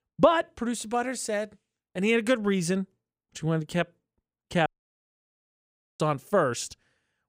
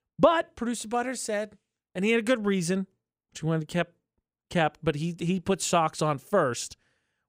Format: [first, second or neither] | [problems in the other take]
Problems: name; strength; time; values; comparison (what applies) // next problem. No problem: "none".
second | audio cutting out; at 4.5 s for 1.5 s